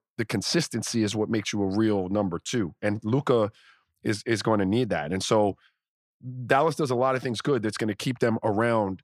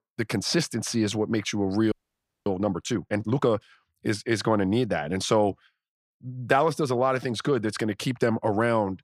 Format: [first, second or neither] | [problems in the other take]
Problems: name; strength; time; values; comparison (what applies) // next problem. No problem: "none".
first | audio freezing; at 2 s for 0.5 s